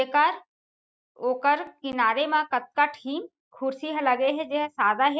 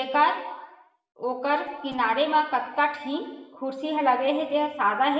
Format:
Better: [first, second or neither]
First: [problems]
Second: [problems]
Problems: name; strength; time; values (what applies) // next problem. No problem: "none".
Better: first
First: none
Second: room echo; dies away in 1.1 s